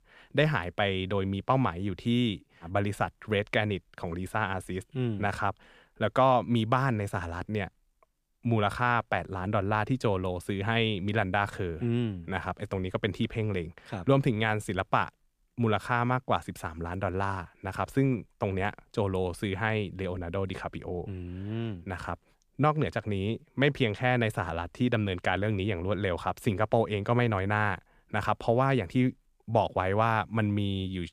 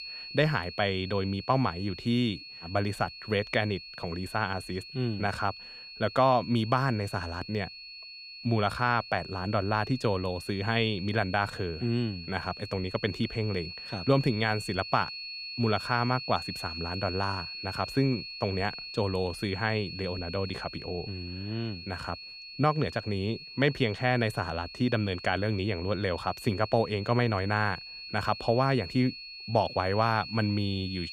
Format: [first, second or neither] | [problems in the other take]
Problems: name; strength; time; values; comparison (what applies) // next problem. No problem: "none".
first | high-pitched whine; noticeable; throughout; 4.5 kHz, 10 dB below the speech